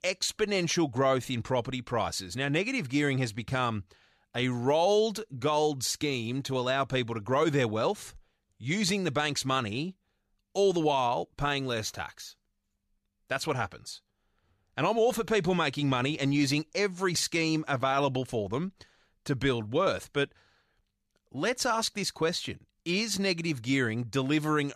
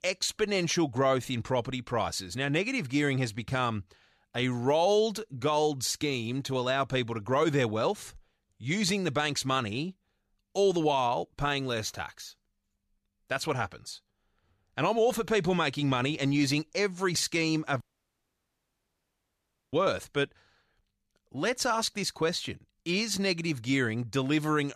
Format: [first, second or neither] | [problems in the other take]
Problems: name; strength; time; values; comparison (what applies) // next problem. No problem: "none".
first | audio cutting out; at 18 s for 2 s